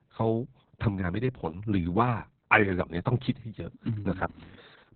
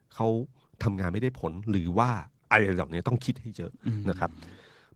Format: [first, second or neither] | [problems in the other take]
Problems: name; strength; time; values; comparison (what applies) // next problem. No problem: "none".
second | garbled, watery; badly; nothing above 4 kHz; slightly in the second